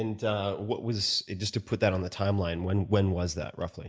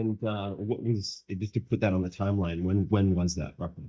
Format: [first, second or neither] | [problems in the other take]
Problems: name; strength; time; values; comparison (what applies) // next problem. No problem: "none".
first | noise reduction (neural mask model DeepFilterNet 3)